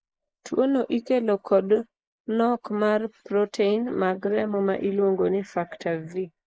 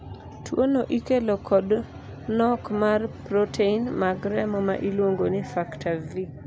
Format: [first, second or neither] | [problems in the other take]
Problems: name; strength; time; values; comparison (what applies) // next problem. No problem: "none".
second | noise reduction (neural mask model Resemble Enhance denoiser)